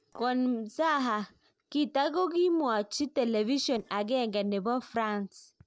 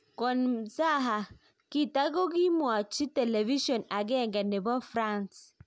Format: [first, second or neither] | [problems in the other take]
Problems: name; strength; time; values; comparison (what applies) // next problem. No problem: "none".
second | noise reduction (neural separator model SepFormer DNS4)